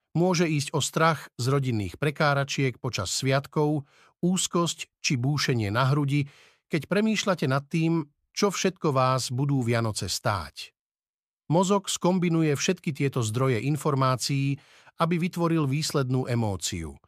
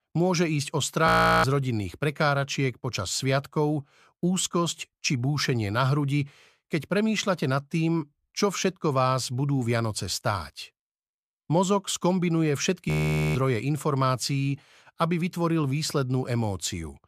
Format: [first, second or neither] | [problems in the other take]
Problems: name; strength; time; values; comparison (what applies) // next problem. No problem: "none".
first | audio freezing; at 1 s and at 13 s